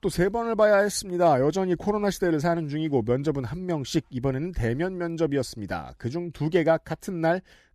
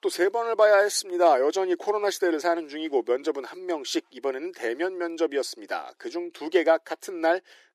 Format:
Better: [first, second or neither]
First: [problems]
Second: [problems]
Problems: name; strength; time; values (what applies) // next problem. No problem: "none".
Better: first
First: none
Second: thin; very; fading below 350 Hz